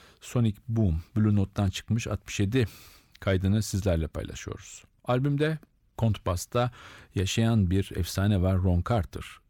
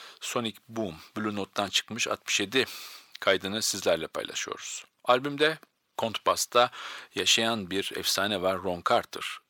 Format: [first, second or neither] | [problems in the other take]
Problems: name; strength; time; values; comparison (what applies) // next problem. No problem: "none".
first | thin; very; fading below 500 Hz